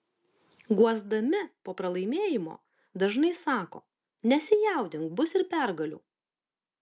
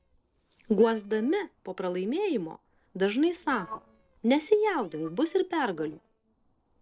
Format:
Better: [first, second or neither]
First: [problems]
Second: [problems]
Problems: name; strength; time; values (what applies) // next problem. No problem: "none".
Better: first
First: none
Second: noise reduction (neural separator model SepFormer DNS4)